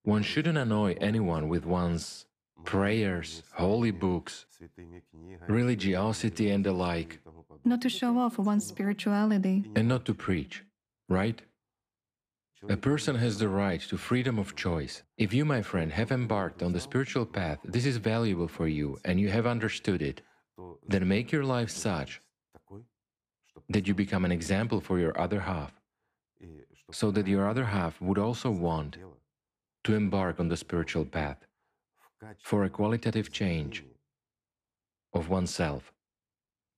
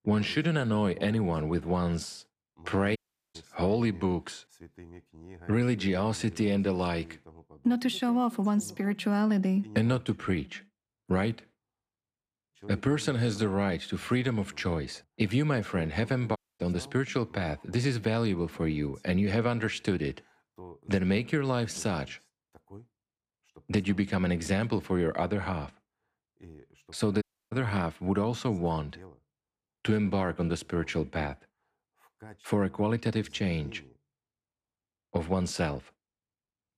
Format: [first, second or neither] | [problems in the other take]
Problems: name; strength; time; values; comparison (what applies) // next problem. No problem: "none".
first | audio cutting out; at 3 s, at 16 s and at 27 s